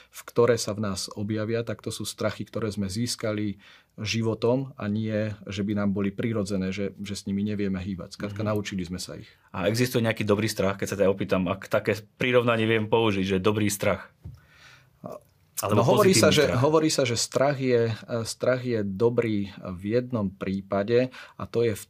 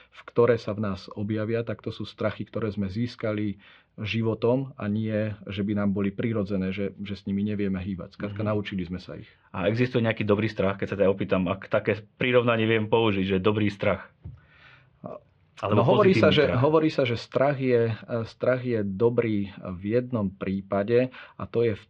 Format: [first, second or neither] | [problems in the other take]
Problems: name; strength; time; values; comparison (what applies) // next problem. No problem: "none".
first | muffled; slightly; fading above 3 kHz